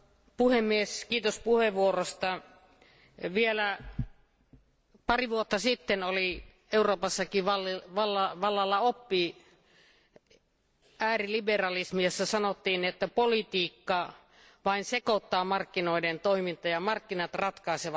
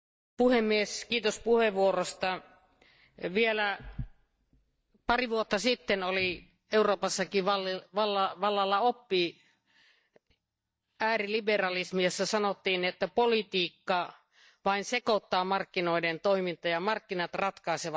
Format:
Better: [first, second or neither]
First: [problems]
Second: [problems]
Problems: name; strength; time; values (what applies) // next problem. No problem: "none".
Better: first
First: none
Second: noise reduction (neural mask model DeepFilterNet 3)